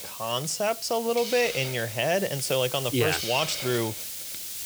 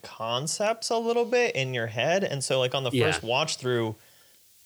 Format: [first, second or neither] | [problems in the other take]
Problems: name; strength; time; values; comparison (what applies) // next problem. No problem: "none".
second | hiss; loud; throughout; 6 dB below the speech; faint in the second